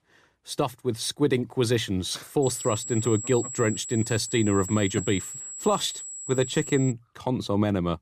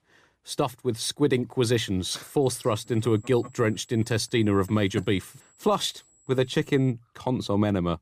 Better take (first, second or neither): second